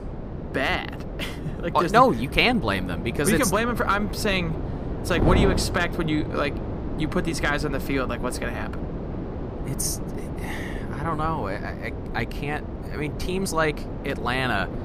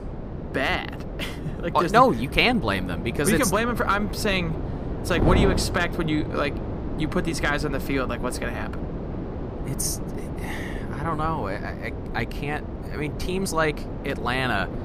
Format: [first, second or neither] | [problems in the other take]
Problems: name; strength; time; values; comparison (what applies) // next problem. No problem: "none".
neither | wind noise on the microphone; occasional gusts; 10 dB below the speech; the same in both